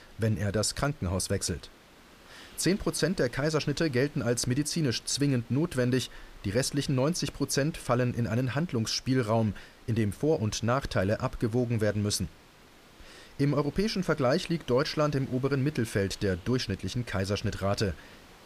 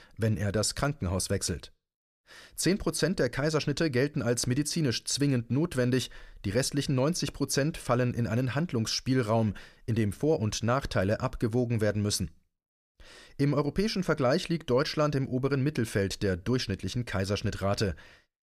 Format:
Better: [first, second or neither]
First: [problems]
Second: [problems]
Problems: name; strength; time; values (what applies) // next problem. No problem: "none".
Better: second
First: hiss; faint; throughout; 25 dB below the speech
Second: none